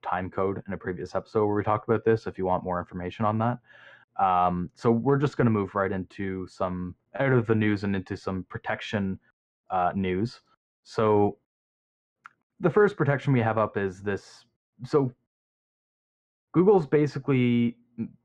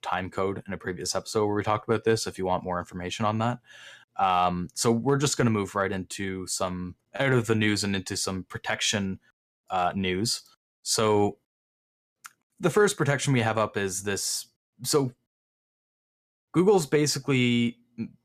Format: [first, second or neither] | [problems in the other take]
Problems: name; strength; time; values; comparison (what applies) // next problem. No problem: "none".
second | muffled; very; fading above 1.5 kHz